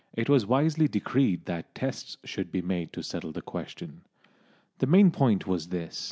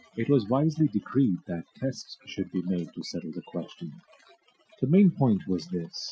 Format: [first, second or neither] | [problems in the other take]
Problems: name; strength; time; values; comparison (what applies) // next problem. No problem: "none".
first | noise reduction (classical method Wiener filter)